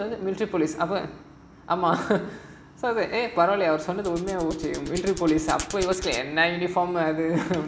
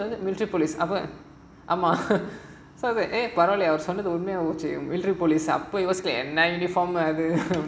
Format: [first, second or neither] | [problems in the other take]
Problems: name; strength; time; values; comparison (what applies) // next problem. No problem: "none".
second | background sound (Hands); 13 dB below the speech